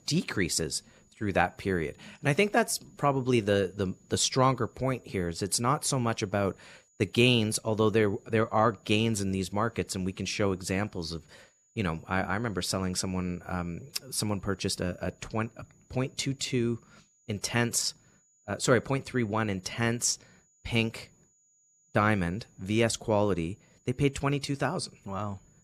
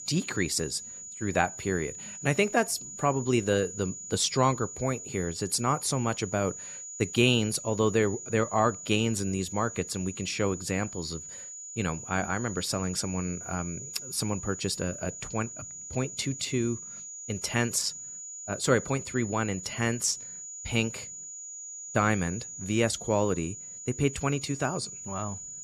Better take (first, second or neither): first